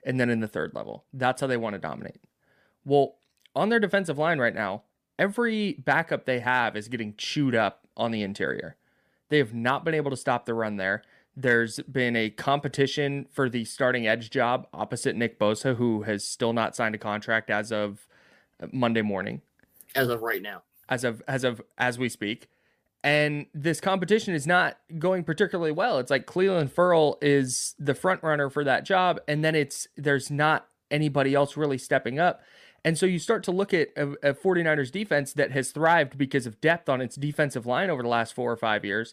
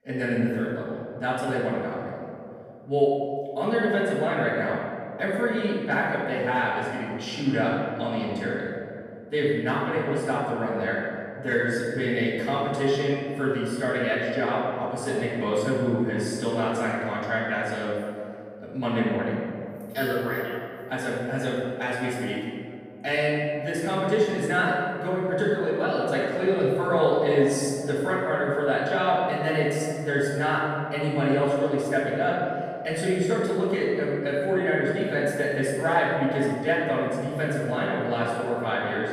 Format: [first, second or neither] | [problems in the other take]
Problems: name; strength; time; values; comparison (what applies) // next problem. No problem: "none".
first | room echo; strong; dies away in 2.3 s // off-mic speech; far